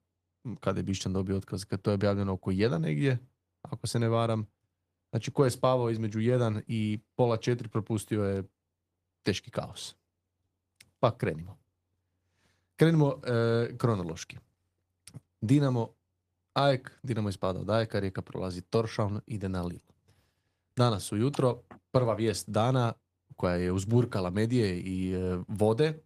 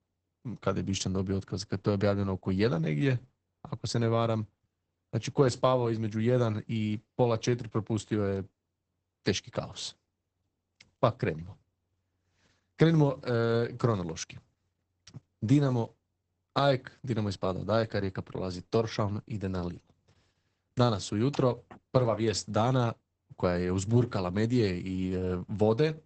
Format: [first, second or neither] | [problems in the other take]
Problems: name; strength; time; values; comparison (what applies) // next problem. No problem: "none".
first | garbled, watery; badly; nothing above 8 kHz; slightly in the first